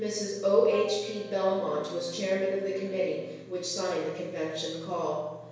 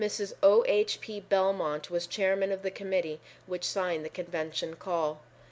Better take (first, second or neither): second